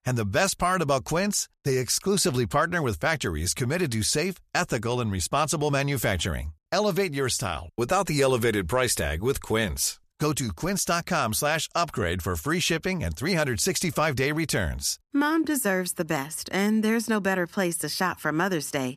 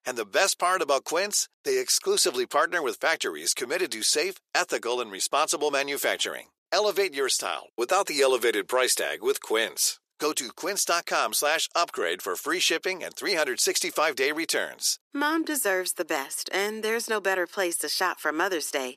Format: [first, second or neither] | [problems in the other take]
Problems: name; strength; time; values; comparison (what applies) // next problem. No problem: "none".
first | thin; very; fading below 350 Hz